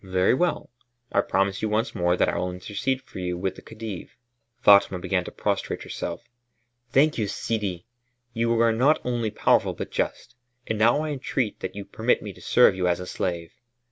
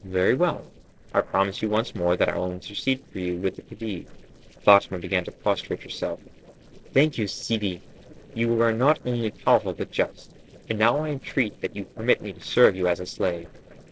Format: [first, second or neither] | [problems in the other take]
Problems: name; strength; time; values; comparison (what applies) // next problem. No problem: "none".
first | noise reduction (neural separator model SepFormer DNS4)